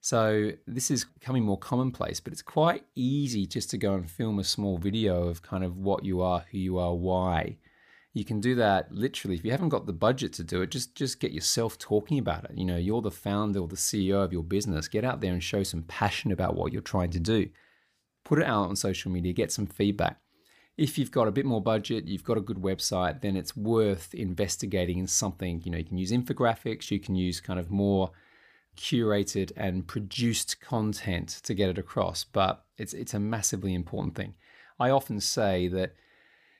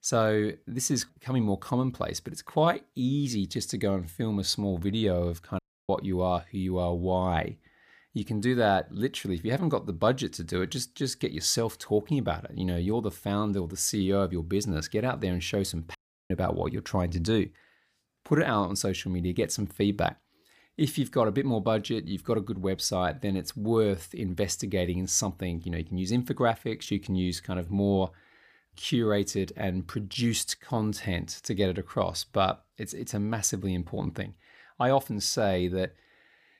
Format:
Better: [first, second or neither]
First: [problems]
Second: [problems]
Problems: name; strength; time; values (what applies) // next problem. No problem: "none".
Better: first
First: none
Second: audio cutting out; at 5.5 s and at 16 s